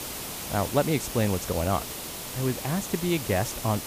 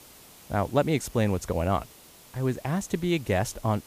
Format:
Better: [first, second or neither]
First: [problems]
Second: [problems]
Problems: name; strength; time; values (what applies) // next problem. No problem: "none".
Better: second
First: hiss; loud; throughout; 6 dB below the speech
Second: hiss; faint; throughout; 20 dB below the speech